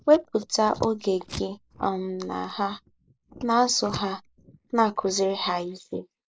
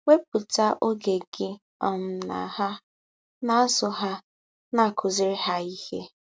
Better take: second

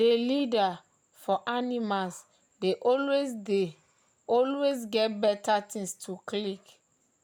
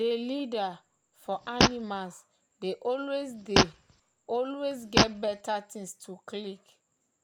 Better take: first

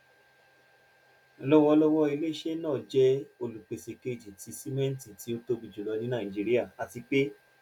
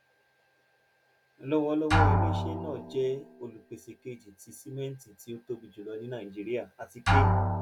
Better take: first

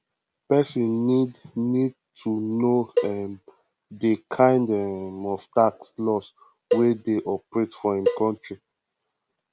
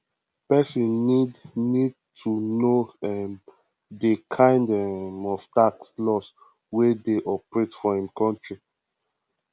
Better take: second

